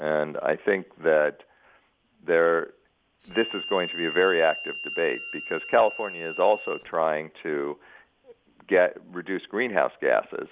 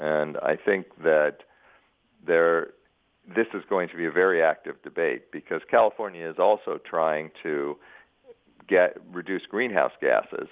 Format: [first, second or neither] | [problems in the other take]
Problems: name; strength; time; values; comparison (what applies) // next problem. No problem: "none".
second | background sound (Harmonica); 10 dB below the speech